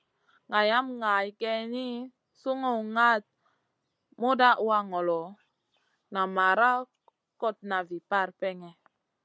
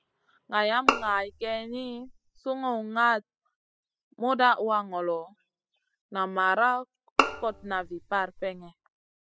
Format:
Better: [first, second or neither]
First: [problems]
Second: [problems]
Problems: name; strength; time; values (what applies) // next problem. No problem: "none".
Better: first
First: none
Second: noise reduction (classical method spectral subtraction)